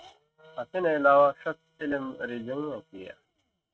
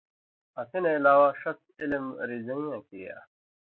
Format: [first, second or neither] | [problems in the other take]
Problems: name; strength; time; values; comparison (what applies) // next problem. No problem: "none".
second | noise reduction (neural mask model RNNoise)